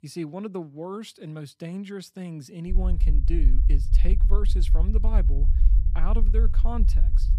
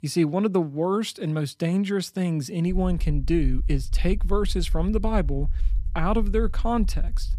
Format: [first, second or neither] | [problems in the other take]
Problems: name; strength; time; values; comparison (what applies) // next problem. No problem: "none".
second | low rumble; loud; from 2.5 s on; 8 dB below the speech; faint in the second